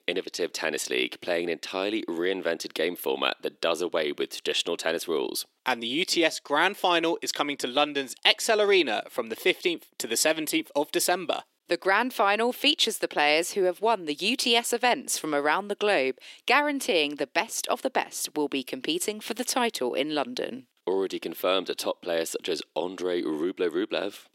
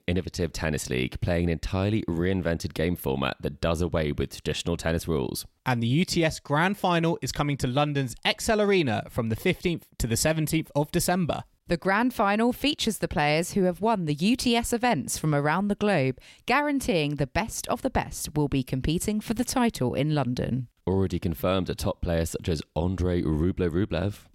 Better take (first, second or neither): second